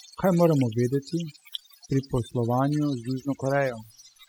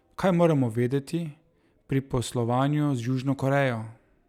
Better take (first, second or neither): second